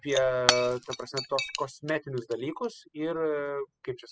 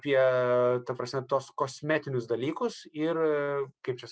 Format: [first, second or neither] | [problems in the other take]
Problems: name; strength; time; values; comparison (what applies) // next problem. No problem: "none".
second | noise reduction (classical method spectral subtraction)